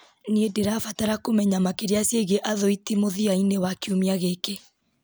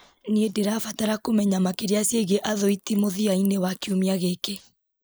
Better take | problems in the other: first | noise reduction (neural mask model Resemble Enhance denoiser)

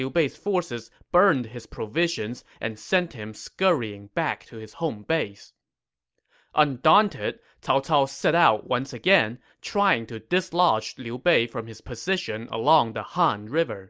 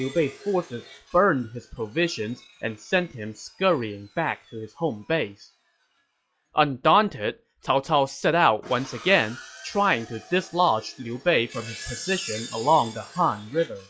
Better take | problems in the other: first | noise reduction (classical method log-MMSE)

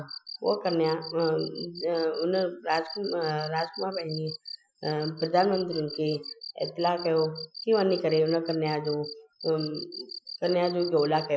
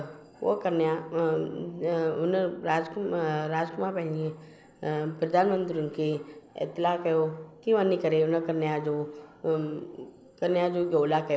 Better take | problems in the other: second | noise reduction (classical method Wiener filter)

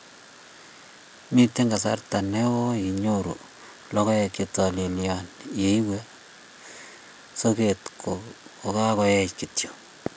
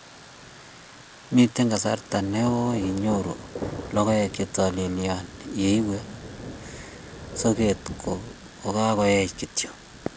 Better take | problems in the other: first | background sound (Thunder); 14 dB below the speech

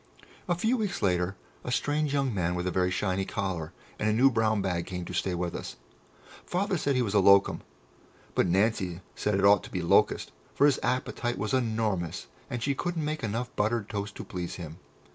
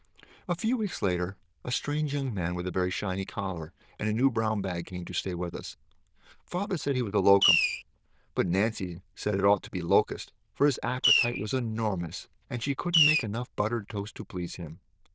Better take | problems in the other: first | noise reduction (neural diffusion model UNIVERSE++)

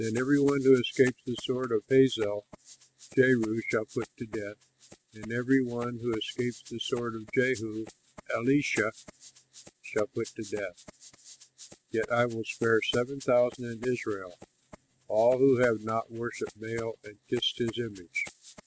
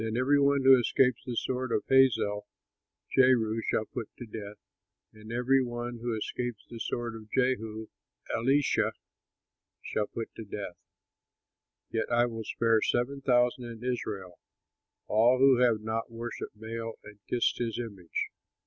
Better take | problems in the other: second | noise reduction (neural mask model RNNoise)

